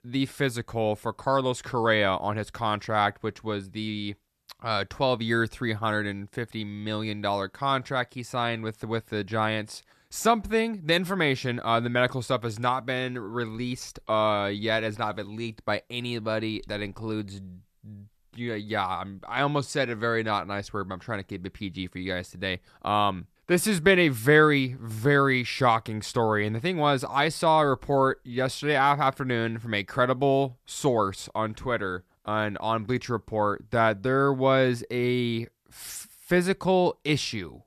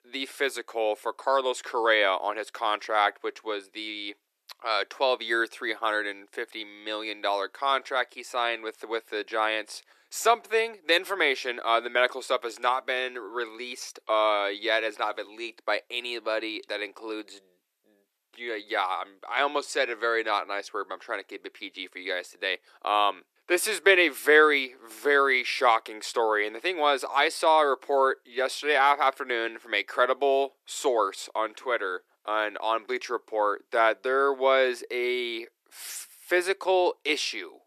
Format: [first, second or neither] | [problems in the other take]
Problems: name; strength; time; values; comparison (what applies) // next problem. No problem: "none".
first | thin; very; fading below 350 Hz